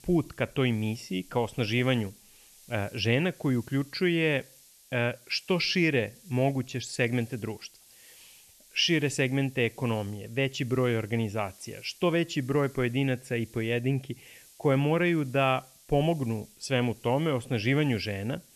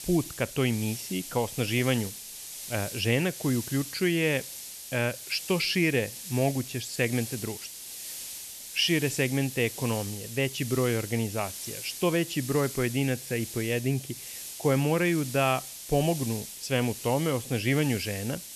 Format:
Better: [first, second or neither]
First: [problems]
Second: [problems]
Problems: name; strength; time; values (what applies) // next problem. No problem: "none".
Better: first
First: hiss; faint; throughout; 25 dB below the speech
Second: hiss; loud; throughout; 9 dB below the speech